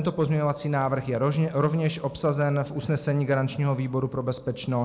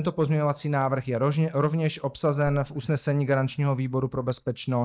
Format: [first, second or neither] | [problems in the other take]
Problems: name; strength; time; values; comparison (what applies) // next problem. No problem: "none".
first | noise reduction (neural mask model DeepFilterNet 3)